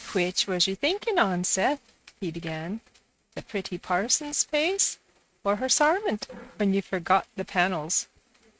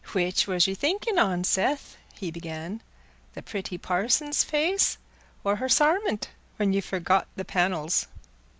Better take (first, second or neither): second